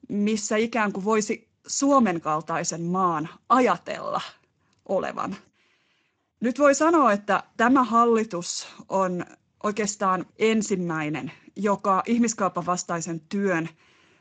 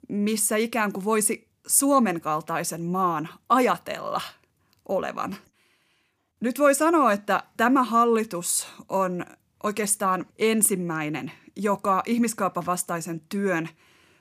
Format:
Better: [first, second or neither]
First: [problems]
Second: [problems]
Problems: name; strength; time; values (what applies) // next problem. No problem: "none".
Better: second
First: garbled, watery; slightly; nothing above 7.5 kHz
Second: none